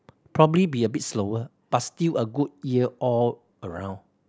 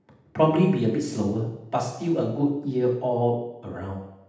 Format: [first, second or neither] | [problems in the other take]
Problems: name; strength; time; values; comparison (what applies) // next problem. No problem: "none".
first | room echo; dies away in 0.8 s